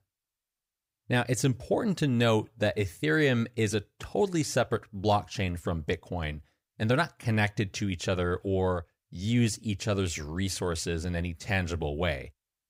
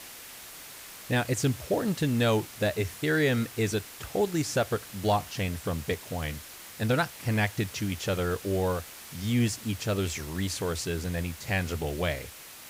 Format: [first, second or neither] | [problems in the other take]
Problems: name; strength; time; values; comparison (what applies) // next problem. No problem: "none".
first | hiss; noticeable; throughout; 15 dB below the speech